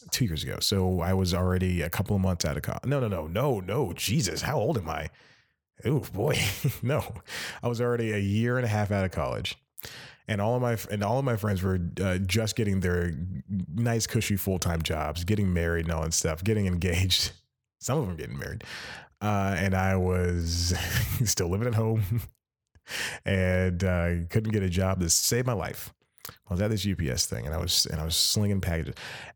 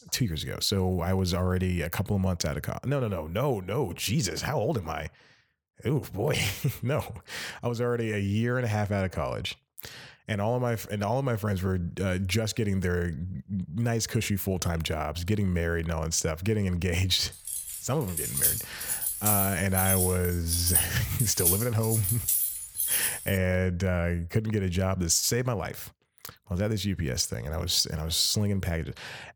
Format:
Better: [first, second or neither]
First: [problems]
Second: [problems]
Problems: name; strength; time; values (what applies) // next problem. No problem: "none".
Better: first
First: none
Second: jangling keys; loud; from 17 to 23 s; peak 5 dB above the speech